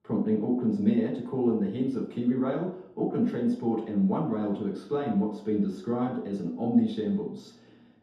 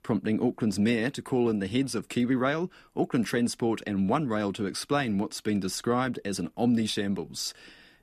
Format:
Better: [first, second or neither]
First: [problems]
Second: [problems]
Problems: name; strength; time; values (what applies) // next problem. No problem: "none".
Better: second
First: room echo; noticeable; dies away in 0.8 s // off-mic speech; far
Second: none